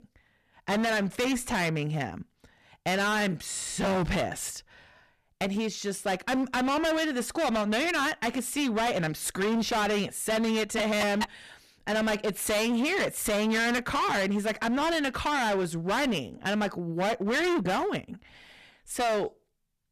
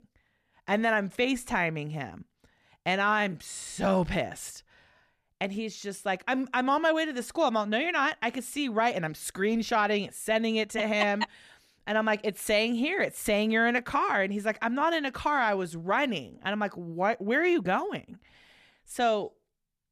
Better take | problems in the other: second | distortion; heavy; 24% of the sound clipped

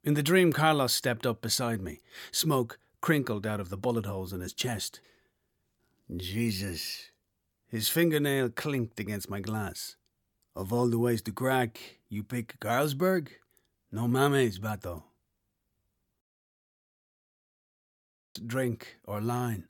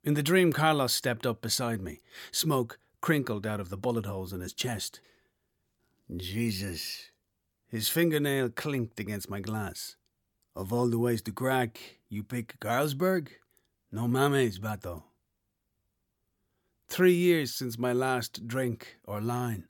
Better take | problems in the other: second | audio cutting out; at 16 s for 2 s

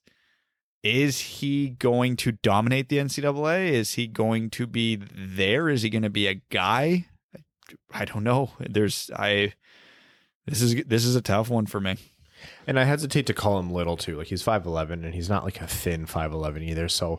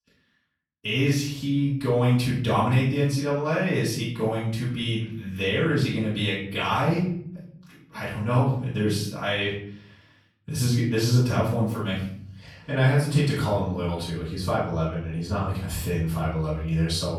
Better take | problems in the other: first | off-mic speech; far // room echo; noticeable; dies away in 0.8 s

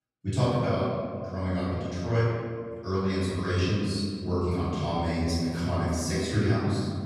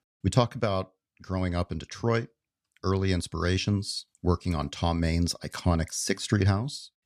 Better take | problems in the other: second | off-mic speech; far // room echo; strong; dies away in 2.1 s

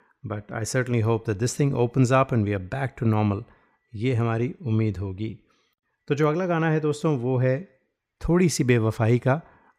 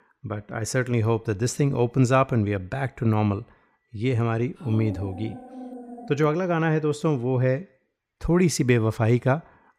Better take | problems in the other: first | dog barking; faint; from 4.5 to 6.5 s; peak 10 dB below the speech

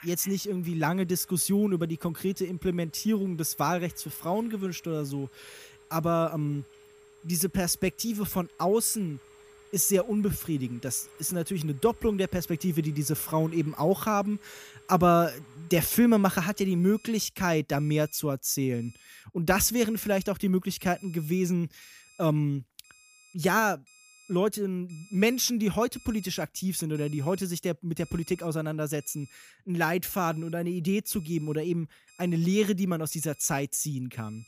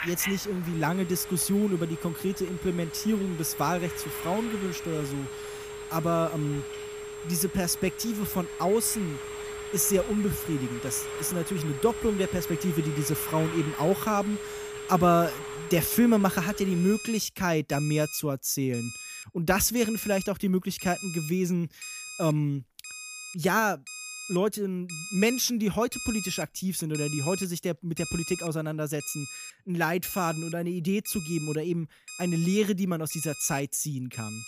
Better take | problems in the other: first | alarms or sirens; loud; throughout; 10 dB below the speech; faint in the first

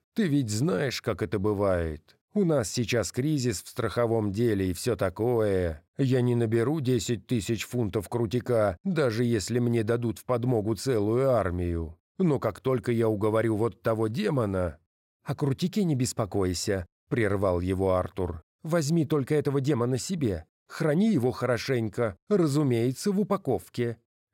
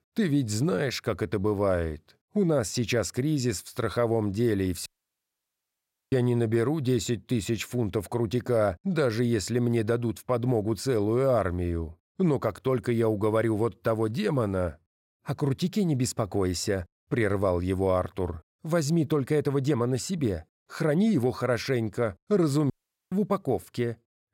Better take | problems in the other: first | audio cutting out; at 5 s for 1.5 s and at 23 s

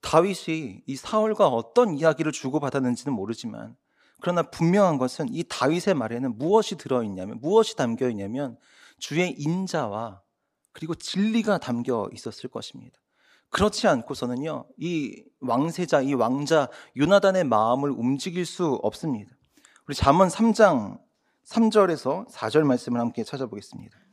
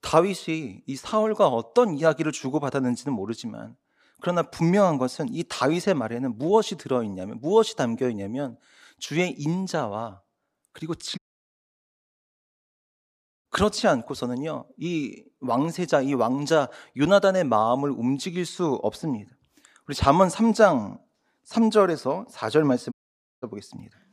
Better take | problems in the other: first | audio cutting out; at 11 s for 2.5 s and at 23 s for 0.5 s

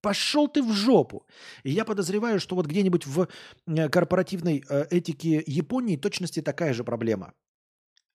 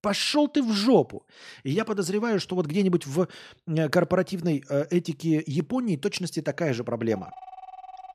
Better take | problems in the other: first | phone ringing; faint; from 7 s on; peak 15 dB below the speech

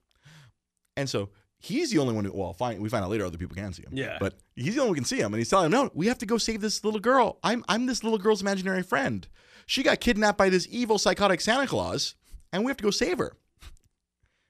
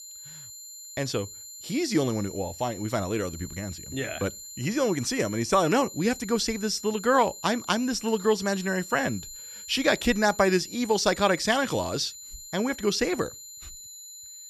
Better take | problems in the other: first | high-pitched whine; noticeable; throughout; 7 kHz, 15 dB below the speech

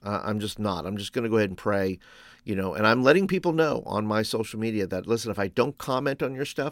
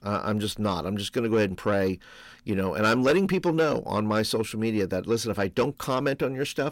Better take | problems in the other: first | distortion; slight; 10 dB below the speech

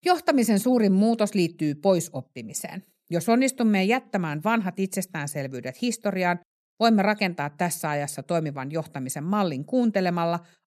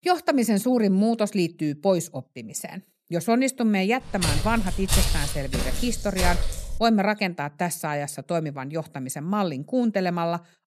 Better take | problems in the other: first | footsteps; loud; from 4 to 7 s; peak 2 dB above the speech

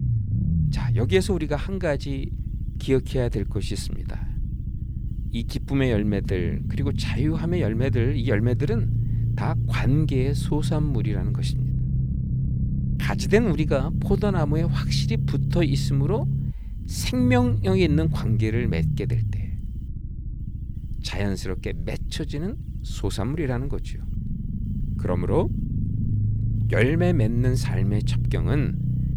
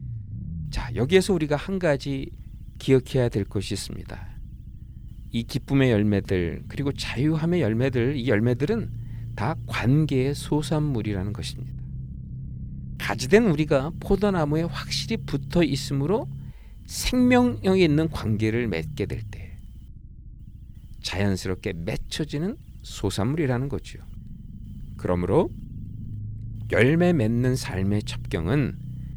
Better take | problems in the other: second | low rumble; loud; throughout; 9 dB below the speech; faint in the second

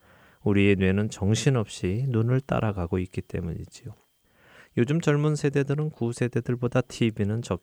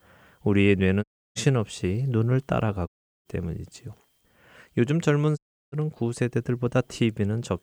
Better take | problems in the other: first | audio cutting out; at 1 s, at 3 s and at 5.5 s

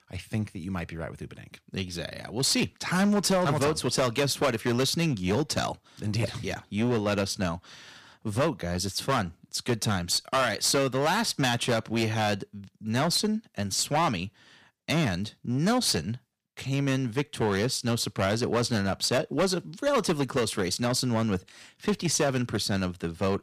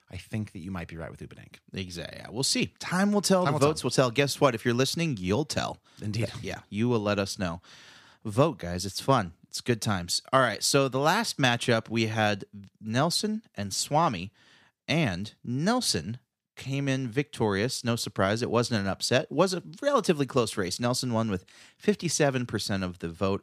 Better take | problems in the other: second | distortion; heavy; 8% of the sound clipped

